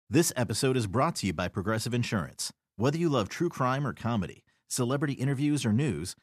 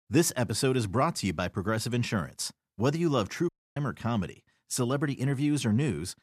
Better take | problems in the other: first | audio cutting out; at 3.5 s

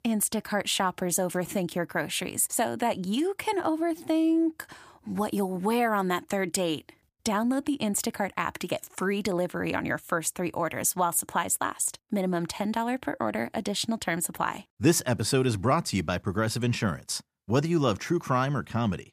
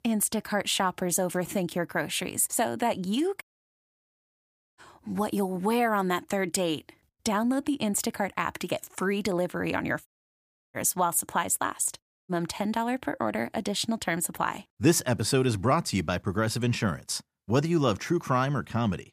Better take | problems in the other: first | audio cutting out; at 3.5 s for 1.5 s, at 10 s for 0.5 s and at 12 s

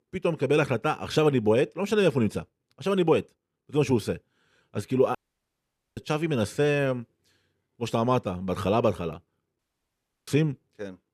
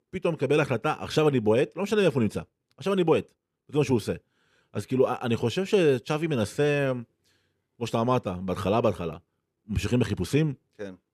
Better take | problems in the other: second | audio cutting out; at 5 s for 1 s and at 9.5 s for 0.5 s

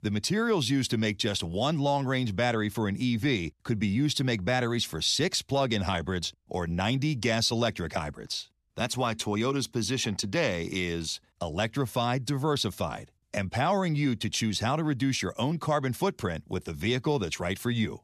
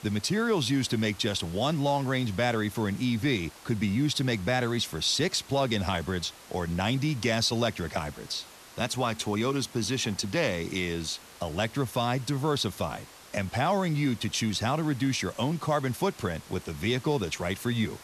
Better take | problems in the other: first | hiss; noticeable; throughout; 20 dB below the speech

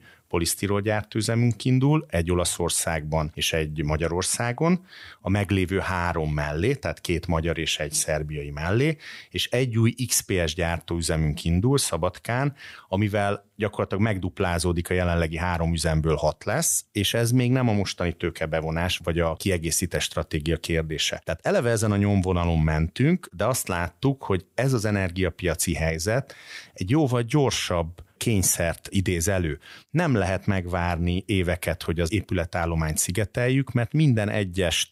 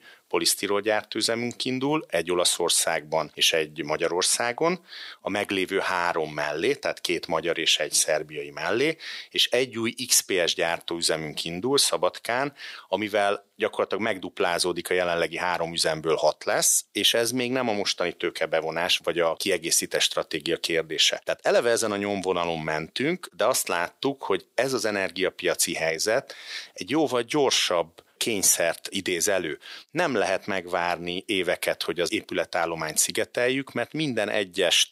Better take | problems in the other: first | thin; somewhat; fading below 400 Hz

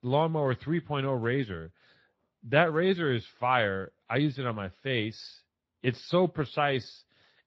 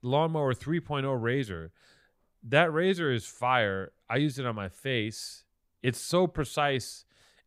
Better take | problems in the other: second | garbled, watery; slightly

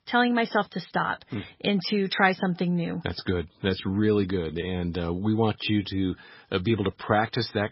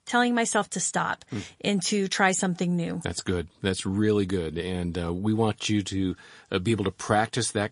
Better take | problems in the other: second | garbled, watery; badly; nothing above 5.5 kHz; slightly in the second

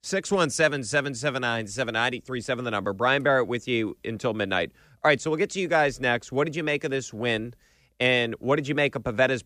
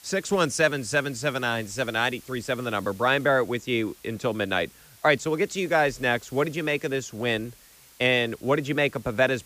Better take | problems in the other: first | hiss; faint; throughout; 25 dB below the speech

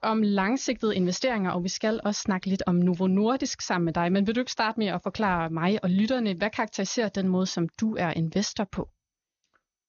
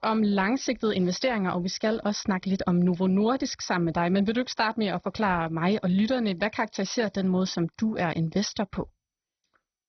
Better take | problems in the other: first | garbled, watery; badly; nothing above 6 kHz; slightly in the first

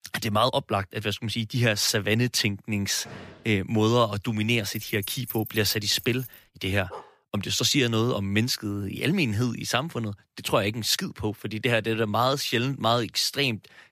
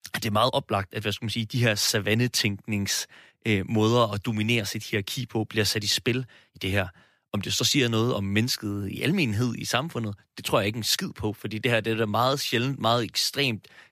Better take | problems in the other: second | door banging; faint; at 3 s; peak 20 dB below the speech // jangling keys; noticeable; from 4.5 to 6.5 s; peak 9 dB below the speech // dog barking; faint; at 7 s; peak 20 dB below the speech

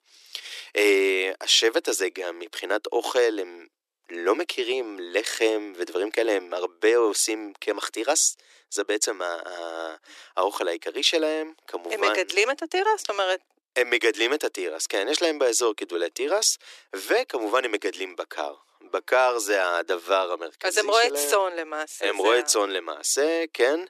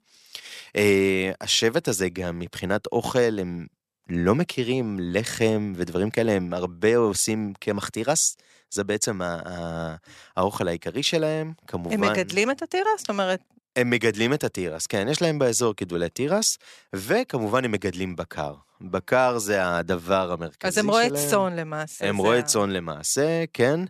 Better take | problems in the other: second | thin; very; fading below 300 Hz

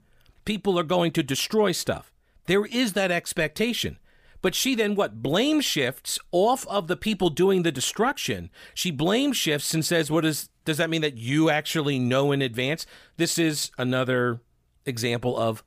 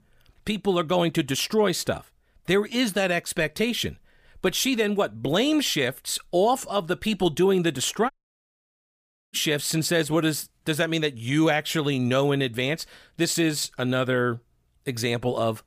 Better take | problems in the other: first | audio cutting out; at 8 s for 1 s

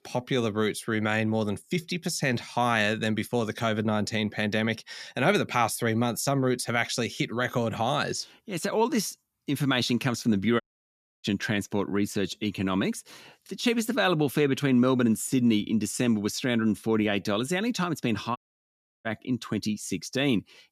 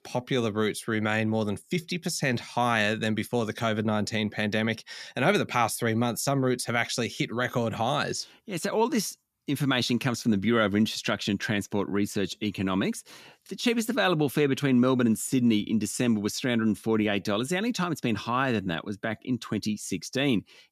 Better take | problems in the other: second | audio cutting out; at 11 s for 0.5 s and at 18 s for 0.5 s

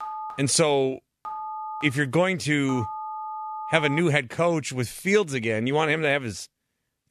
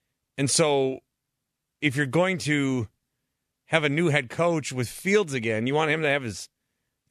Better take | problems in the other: second | phone ringing; noticeable; until 4 s; peak 10 dB below the speech

